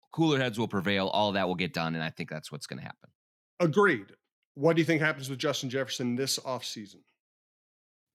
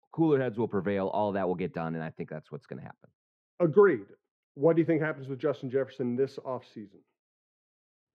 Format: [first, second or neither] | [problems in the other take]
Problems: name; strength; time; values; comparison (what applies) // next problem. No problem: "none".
first | muffled; very; fading above 3.5 kHz